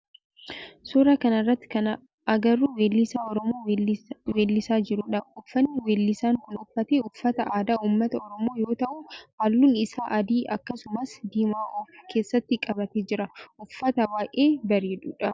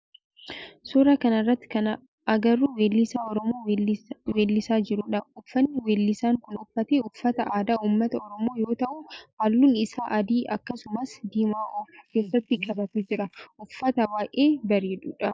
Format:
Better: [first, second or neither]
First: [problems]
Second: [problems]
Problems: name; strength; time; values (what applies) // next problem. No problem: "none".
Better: first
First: none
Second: noise reduction (neural mask model Resemble Enhance denoiser)